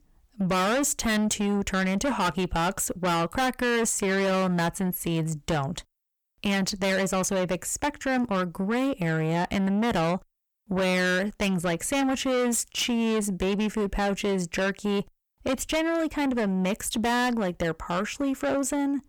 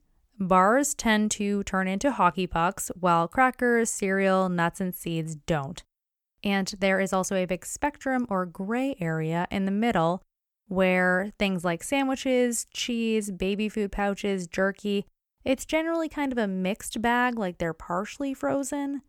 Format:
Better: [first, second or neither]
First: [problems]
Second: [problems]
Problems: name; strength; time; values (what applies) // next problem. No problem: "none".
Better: second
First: distortion; heavy; 6 dB below the speech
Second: none